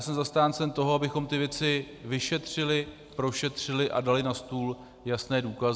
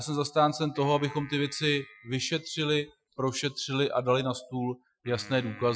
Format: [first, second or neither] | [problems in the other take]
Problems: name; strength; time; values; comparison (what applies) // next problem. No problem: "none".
first | noise reduction (classical method Wiener filter)